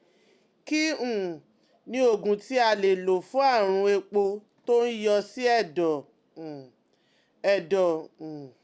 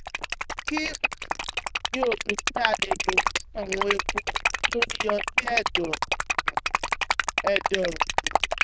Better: first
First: none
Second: noise reduction (neural diffusion model UNIVERSE++)

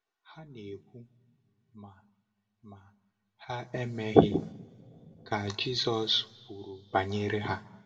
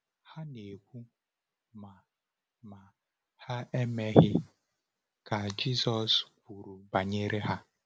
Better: second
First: room echo; dies away in 2.2 s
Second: none

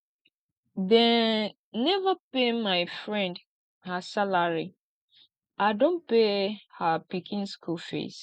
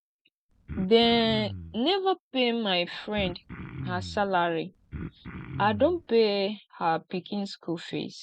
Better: first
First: none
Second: background sound (Cough); 11 dB below the speech

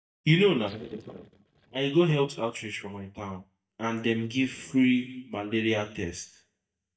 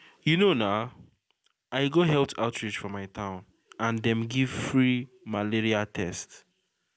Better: second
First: noise reduction (neural mask model DeepFilterNet 3)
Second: none

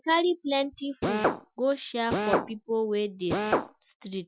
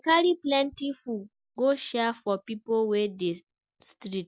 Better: second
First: noise reduction (classical method Wiener filter)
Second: none

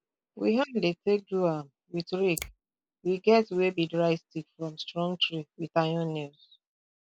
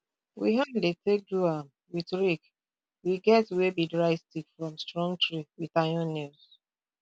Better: second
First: noise reduction (neural mask model Resemble Enhance denoiser)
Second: none

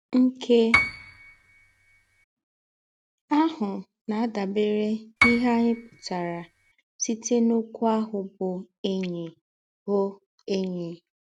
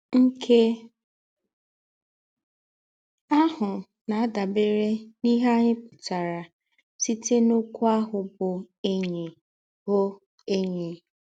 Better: second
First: background sound (Piano); 2 dB below the speech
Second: none

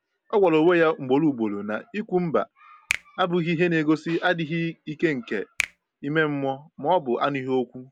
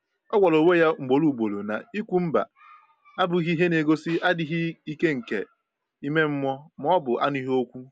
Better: second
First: background sound (Finger snapping); 14 dB below the speech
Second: none

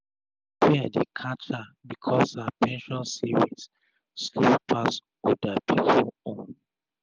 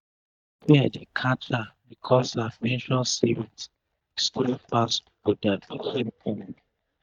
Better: first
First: none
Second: noise reduction (neural mask model DeepFilterNet 3)

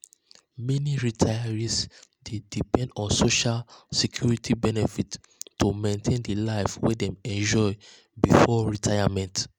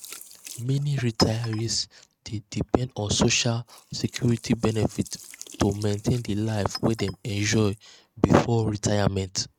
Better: first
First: none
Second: noise reduction (neural mask model RNNoise)

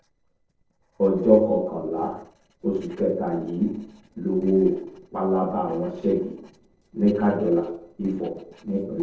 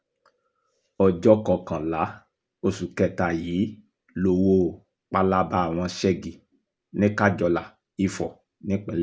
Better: second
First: noise reduction (neural separator model SepFormer DNS4)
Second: none

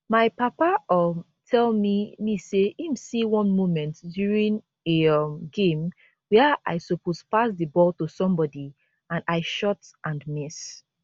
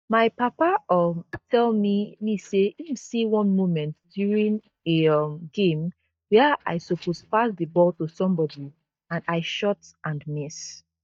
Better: first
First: none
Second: noise reduction (neural mask model DeepFilterNet 3)

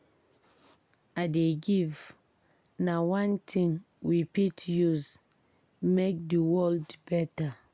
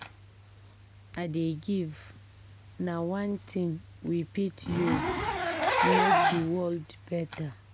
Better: first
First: none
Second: background sound (Zipper (clothing)); 1 dB above the speech

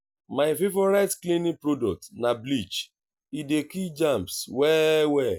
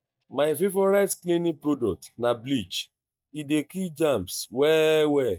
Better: first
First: none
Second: noise reduction (neural mask model DeepFilterNet 3)

